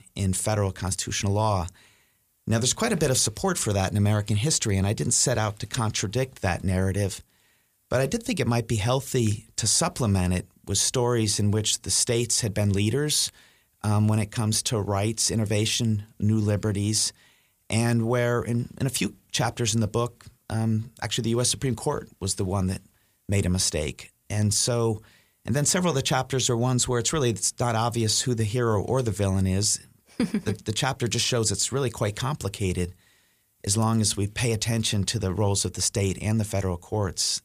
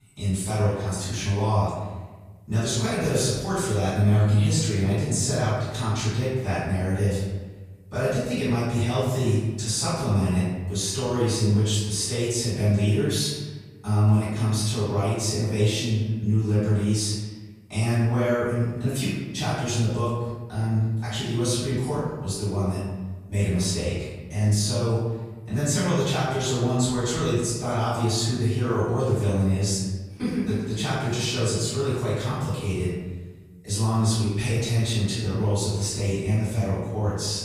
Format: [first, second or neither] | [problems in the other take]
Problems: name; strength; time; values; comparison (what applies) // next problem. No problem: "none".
first | off-mic speech; far // room echo; strong; dies away in 1.3 s